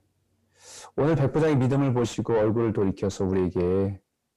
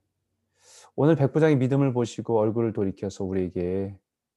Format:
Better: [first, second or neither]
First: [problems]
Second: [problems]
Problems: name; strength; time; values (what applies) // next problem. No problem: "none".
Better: second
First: distortion; heavy; 4 dB below the speech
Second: none